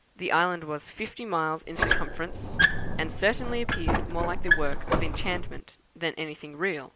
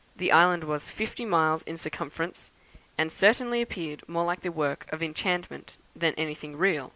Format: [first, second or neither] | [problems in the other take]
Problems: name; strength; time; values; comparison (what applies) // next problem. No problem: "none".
second | background sound (Squeak); 5 dB above the speech